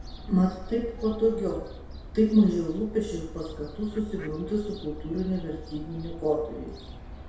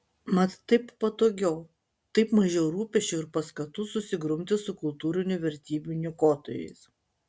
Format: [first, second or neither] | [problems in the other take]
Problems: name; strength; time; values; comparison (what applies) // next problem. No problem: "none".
second | background sound (Fowl); 12 dB below the speech // room echo; dies away in 0.7 s